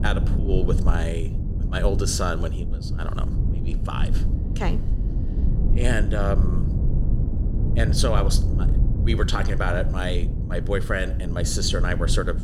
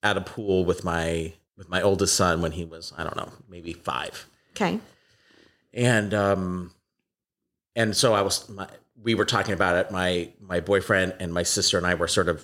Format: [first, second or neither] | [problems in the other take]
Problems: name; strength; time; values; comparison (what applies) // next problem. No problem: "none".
second | low rumble; loud; throughout; 9 dB below the speech